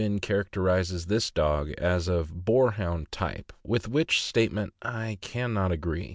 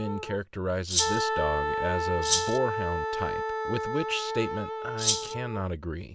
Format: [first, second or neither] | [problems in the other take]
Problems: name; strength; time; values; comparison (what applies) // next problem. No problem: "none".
first | background sound (Wind instrument, woodwind instrument + Rattle (instrument)); 2 dB above the speech